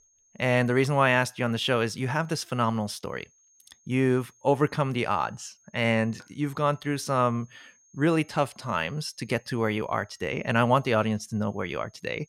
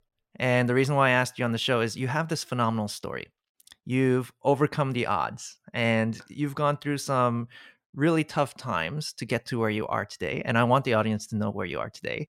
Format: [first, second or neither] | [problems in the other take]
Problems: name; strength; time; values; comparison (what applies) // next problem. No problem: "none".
second | high-pitched whine; faint; throughout; 6.5 kHz, 35 dB below the speech